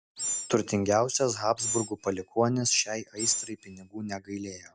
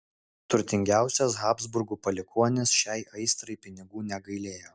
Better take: second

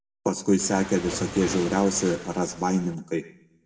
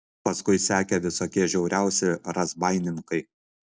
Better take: second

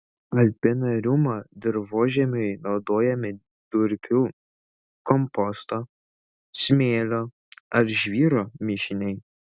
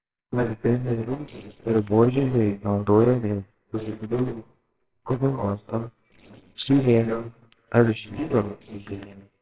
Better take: first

